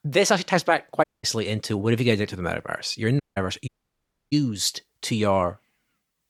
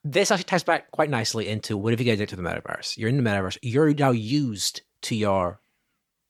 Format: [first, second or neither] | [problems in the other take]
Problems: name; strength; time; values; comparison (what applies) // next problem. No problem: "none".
second | audio cutting out; at 1 s, at 3 s and at 3.5 s for 0.5 s